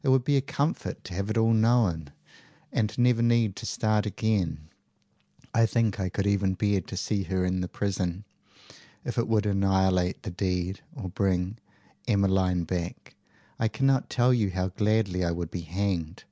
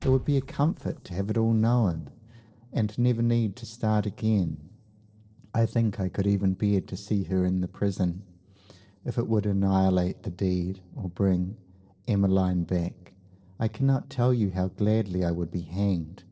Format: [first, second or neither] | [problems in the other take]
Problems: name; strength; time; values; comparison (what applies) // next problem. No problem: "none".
first | noise reduction (neural separator model SepFormer DNS4)